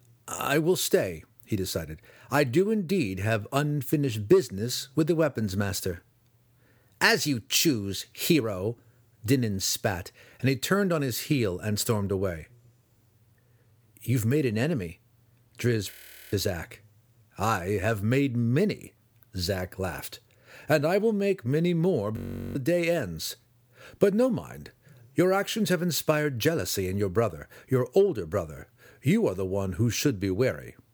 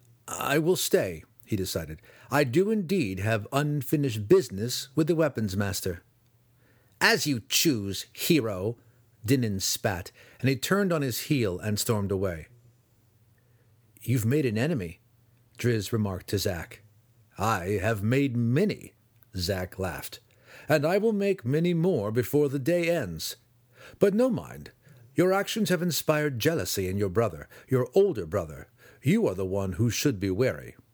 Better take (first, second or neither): second